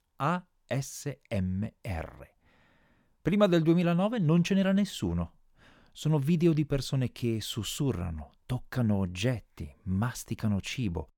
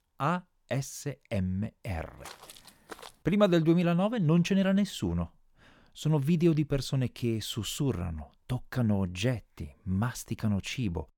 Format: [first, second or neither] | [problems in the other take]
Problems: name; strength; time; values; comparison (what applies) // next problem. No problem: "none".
first | footsteps; faint; at 2 s; peak 15 dB below the speech